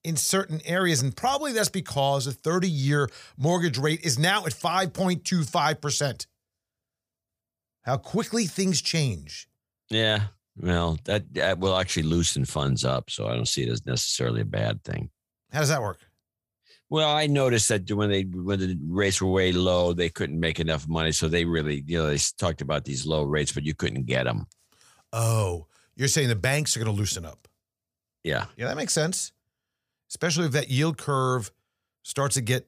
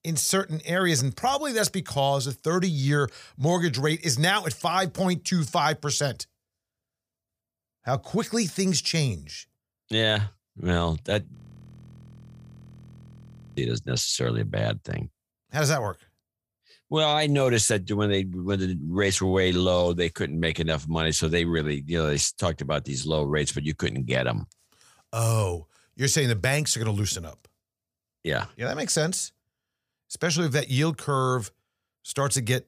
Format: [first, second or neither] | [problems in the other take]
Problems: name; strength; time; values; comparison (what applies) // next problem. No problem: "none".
first | audio freezing; at 11 s for 2 s